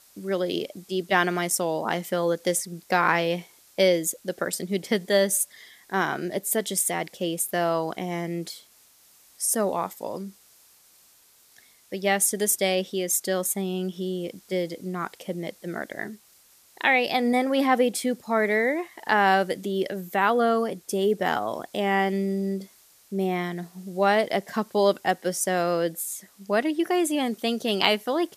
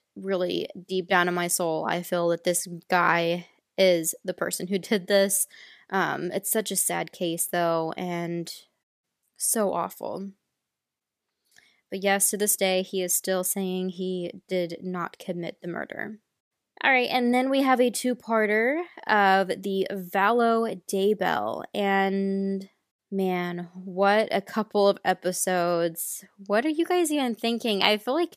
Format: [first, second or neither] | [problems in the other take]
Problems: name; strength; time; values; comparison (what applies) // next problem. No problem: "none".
second | hiss; faint; throughout; 30 dB below the speech